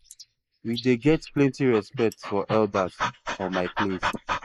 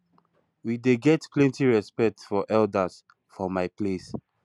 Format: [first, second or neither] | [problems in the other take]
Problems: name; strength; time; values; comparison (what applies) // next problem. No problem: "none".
second | noise reduction (neural mask model Resemble Enhance denoiser)